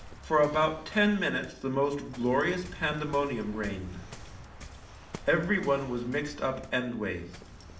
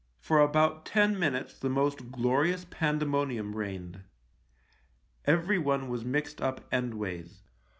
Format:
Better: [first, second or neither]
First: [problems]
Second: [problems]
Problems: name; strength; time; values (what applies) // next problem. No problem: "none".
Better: second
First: background sound (Waves, surf); 16 dB below the speech // room echo; dies away in 0.6 s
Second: none